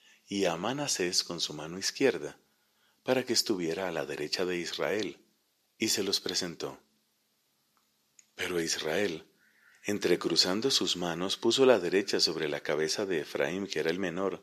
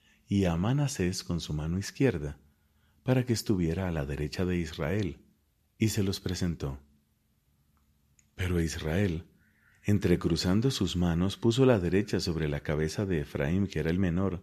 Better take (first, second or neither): second